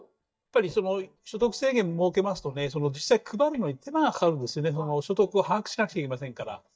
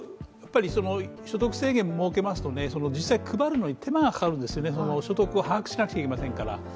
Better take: second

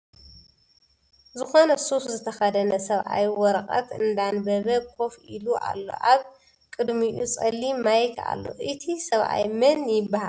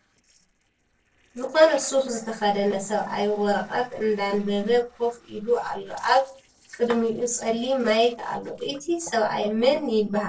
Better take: first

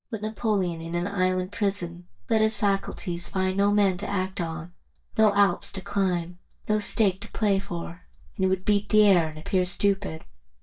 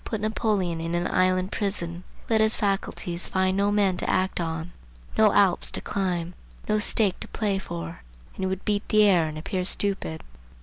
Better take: second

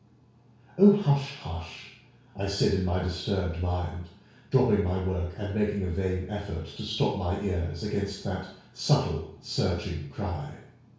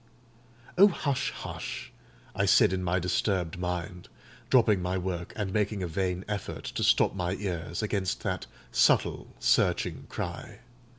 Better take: second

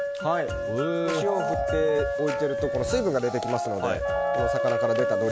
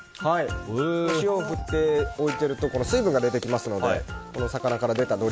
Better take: second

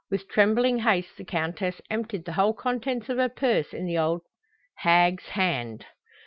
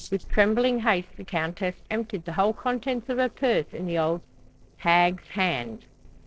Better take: first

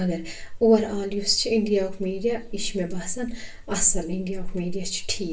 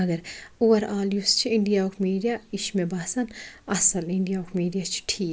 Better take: second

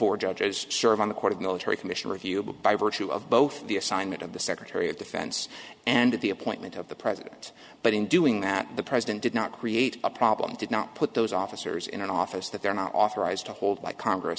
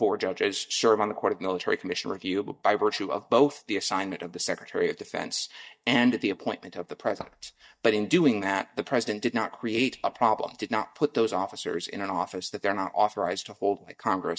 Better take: first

